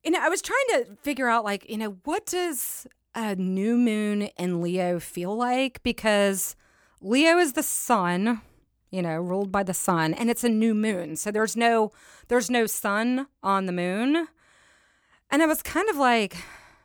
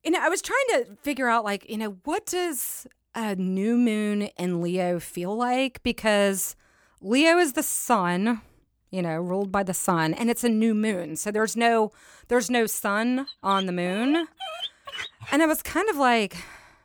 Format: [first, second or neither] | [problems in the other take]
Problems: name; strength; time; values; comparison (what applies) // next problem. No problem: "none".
first | dog barking; noticeable; from 13 to 15 s; peak 8 dB below the speech